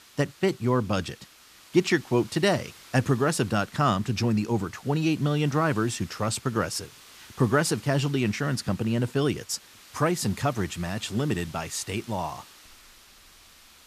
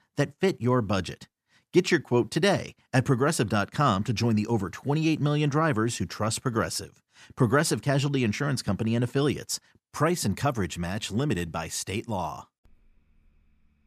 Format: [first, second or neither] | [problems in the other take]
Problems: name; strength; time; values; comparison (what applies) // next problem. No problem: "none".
second | hiss; faint; throughout; 20 dB below the speech